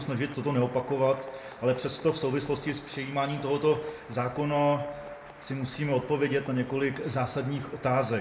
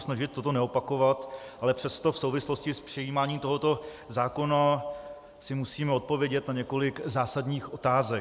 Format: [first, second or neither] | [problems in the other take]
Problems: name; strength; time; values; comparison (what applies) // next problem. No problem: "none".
second | background sound (Applause); 19 dB below the speech // room echo; dies away in 0.5 s